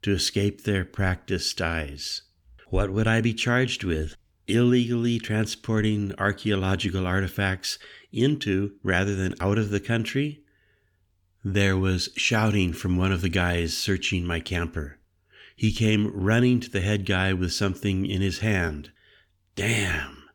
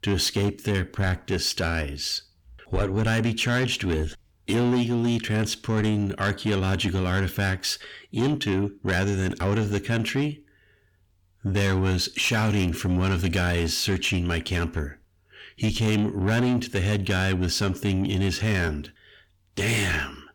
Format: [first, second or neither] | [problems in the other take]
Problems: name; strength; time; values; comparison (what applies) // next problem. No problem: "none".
first | distortion; slight; 10 dB below the speech